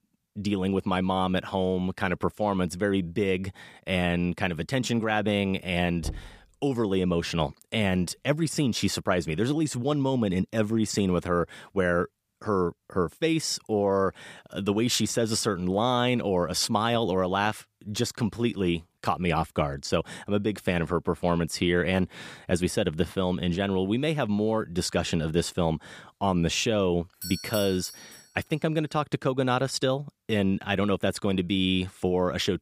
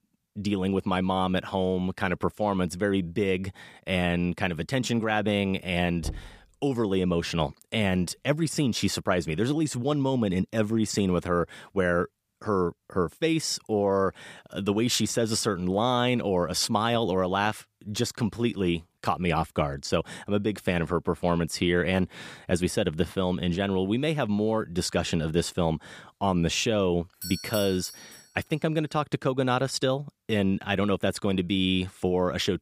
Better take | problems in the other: neither | door banging; faint; at 6 s; peak 10 dB below the speech; the same in both // doorbell; noticeable; at 27 s; peak 8 dB below the speech; the same in both

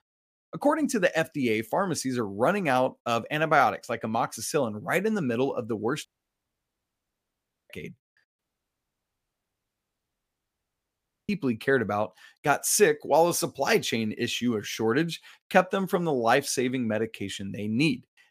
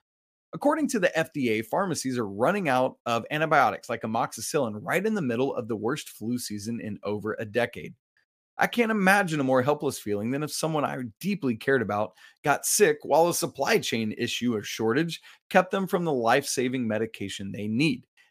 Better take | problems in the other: second | audio cutting out; at 6 s for 1.5 s and at 8.5 s for 3 s

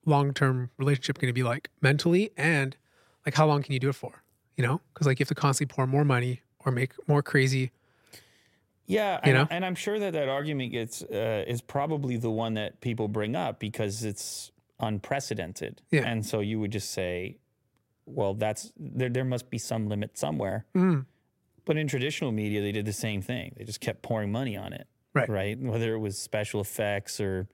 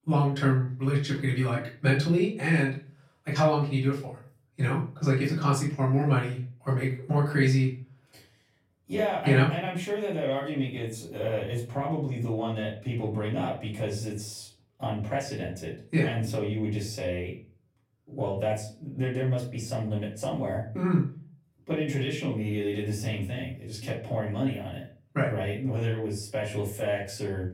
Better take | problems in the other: first | off-mic speech; far // room echo; slight; dies away in 0.4 s

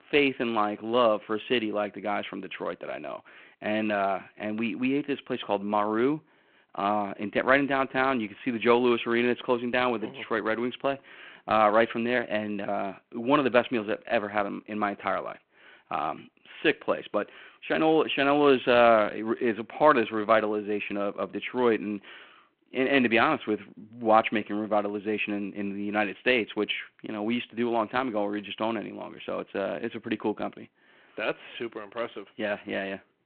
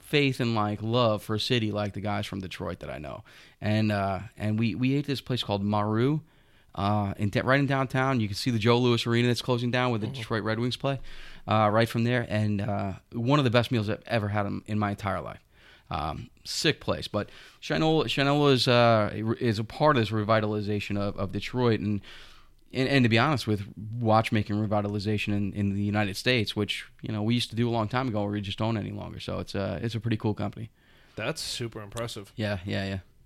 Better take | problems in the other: second | phone-call audio

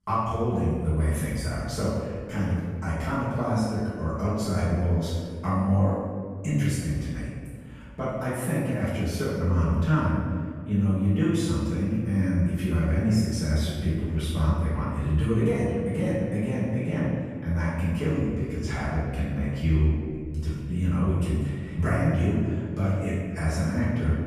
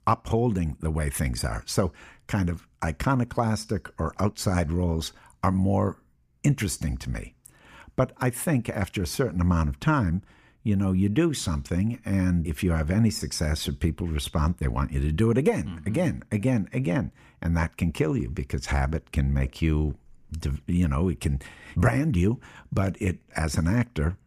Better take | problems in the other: second | room echo; strong; dies away in 1.8 s // off-mic speech; far

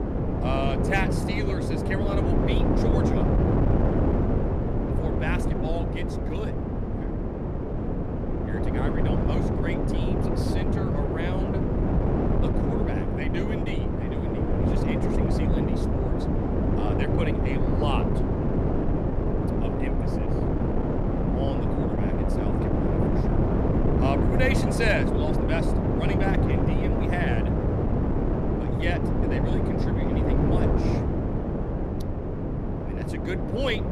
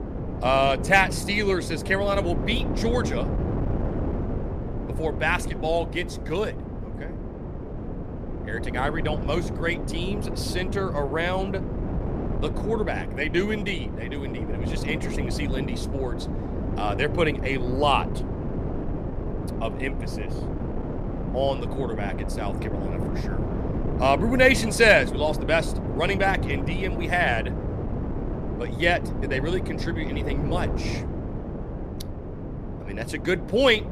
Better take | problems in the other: second | wind noise on the microphone; heavy; 3 dB above the speech; occasional gusts in the second

